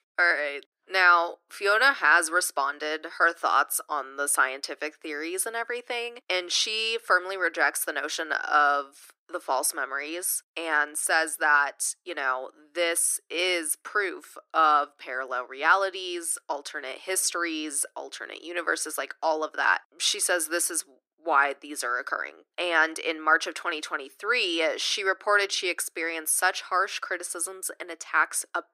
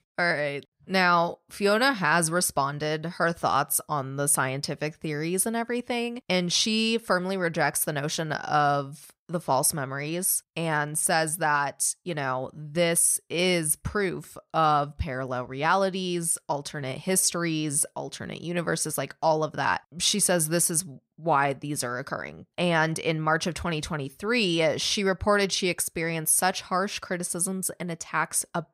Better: second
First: thin; very; fading below 300 Hz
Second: none

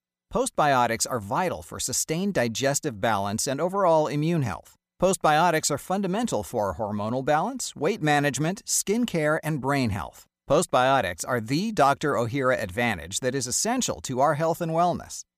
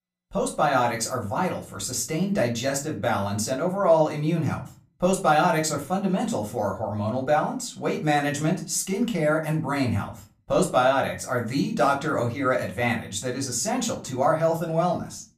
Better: first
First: none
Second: off-mic speech; far // room echo; very slight; dies away in 0.3 s

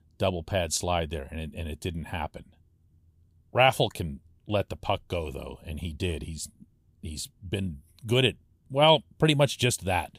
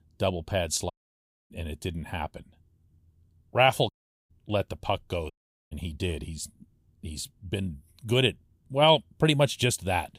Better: first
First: none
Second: audio cutting out; at 1 s for 0.5 s, at 4 s and at 5.5 s

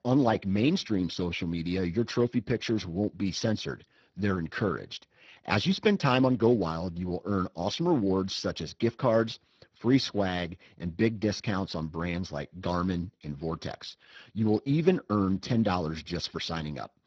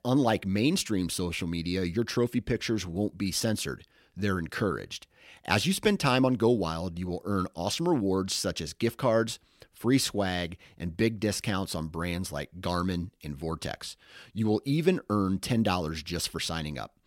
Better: second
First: garbled, watery; badly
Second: none

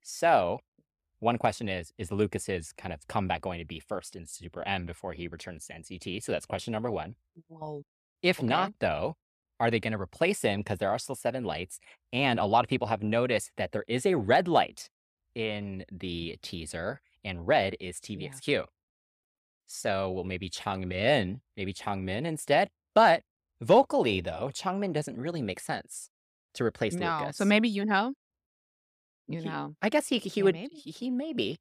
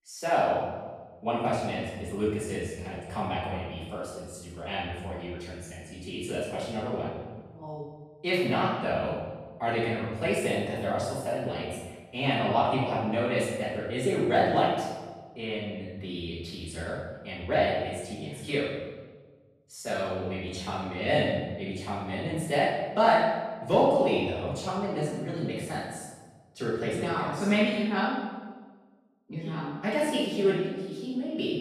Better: first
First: none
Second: off-mic speech; far // room echo; strong; dies away in 1.1 s

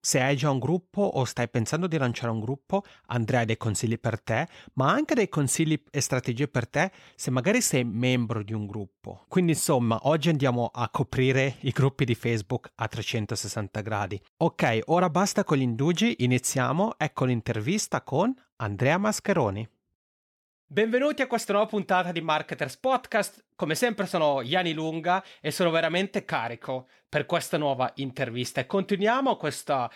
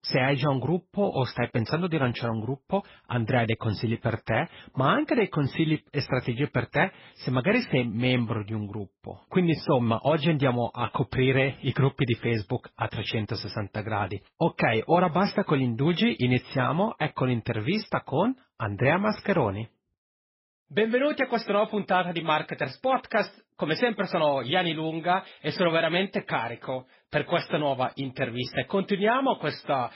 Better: first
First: none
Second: garbled, watery; badly; nothing above 5.5 kHz

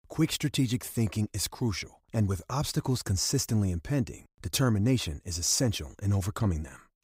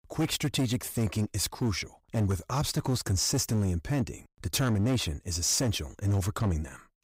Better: first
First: none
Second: distortion; slight; 11% of the sound clipped

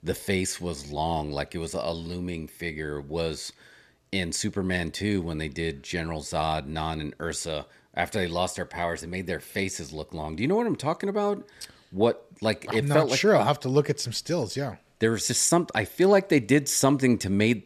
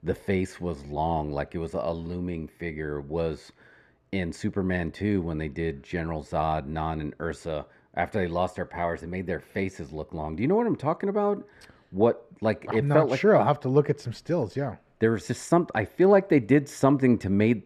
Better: first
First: none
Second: muffled; very; fading above 3 kHz

